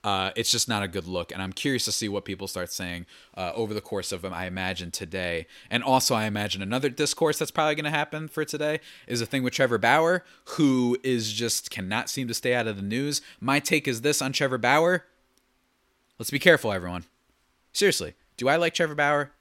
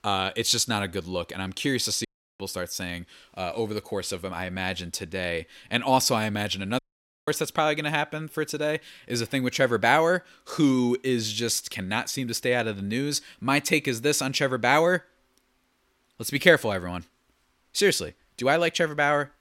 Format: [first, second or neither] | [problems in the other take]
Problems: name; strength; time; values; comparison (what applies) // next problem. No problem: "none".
first | audio cutting out; at 2 s and at 7 s